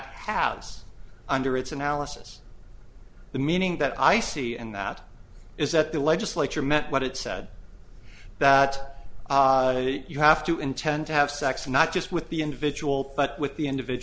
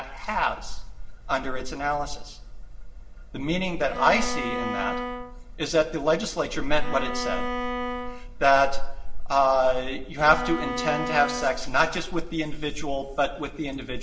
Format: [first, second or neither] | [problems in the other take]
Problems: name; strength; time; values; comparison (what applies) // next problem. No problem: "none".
first | background sound (Bowed string instrument); 7 dB below the speech // room echo; dies away in 0.8 s